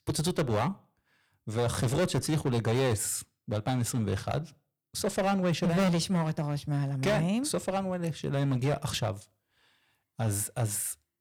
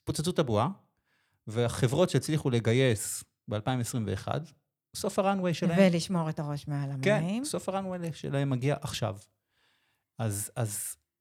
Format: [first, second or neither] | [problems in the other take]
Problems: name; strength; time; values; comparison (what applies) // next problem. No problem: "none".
second | distortion; heavy; 9% of the sound clipped